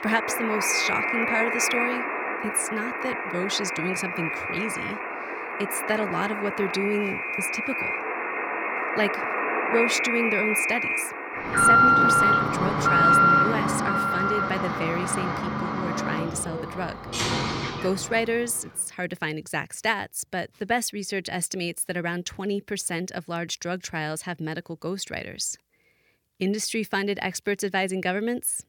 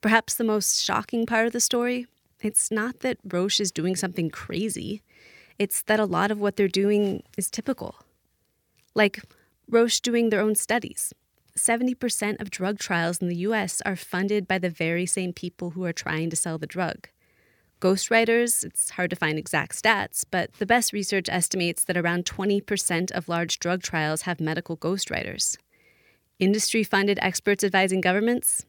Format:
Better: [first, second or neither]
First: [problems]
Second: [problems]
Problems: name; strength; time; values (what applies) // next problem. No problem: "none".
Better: second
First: alarms or sirens; very loud; until 18 s; 5 dB above the speech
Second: none